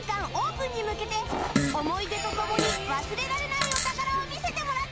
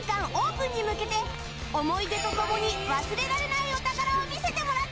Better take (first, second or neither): second